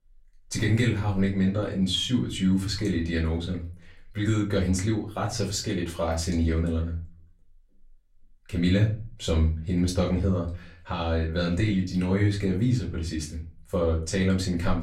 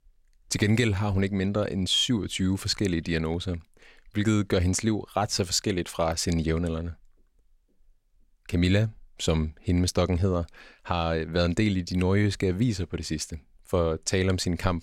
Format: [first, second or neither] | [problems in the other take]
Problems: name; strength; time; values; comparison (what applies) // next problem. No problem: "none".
second | off-mic speech; far // room echo; very slight; dies away in 0.3 s